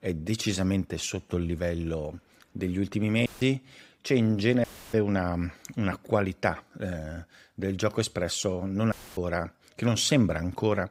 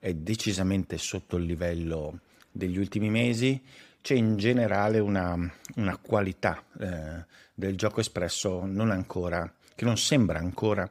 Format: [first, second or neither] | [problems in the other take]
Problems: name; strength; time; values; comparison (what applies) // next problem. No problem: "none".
second | audio cutting out; filled with static; at 3.5 s, at 4.5 s and at 9 s